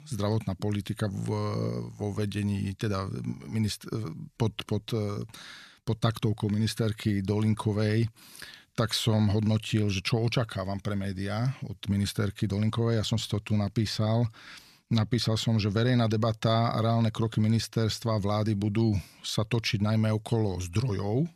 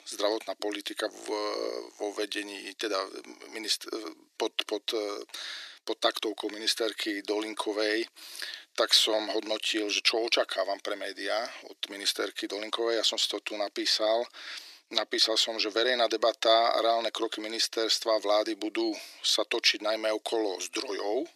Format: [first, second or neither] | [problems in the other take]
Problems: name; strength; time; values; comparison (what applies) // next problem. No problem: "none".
first | thin; very; fading below 300 Hz